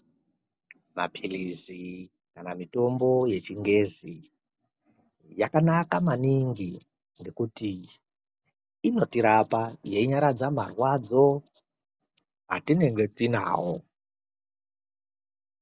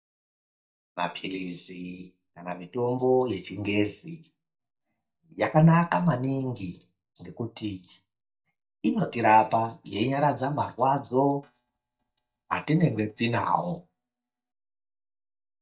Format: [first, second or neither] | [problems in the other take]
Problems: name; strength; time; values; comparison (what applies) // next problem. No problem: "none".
first | noise reduction (neural mask model DeepFilterNet 3)